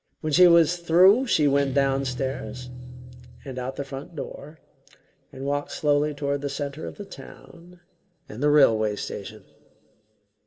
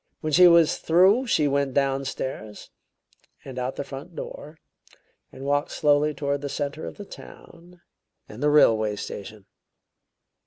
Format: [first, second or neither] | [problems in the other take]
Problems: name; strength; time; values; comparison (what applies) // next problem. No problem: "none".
second | background sound (Guitar); 11 dB below the speech // room echo; dies away in 0.3 s